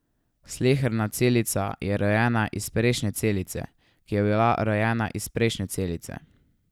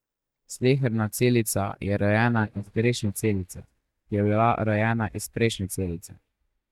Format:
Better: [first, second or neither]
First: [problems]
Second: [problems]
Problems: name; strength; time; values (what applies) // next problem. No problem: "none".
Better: first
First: none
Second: noise reduction (neural mask model DeepFilterNet 3)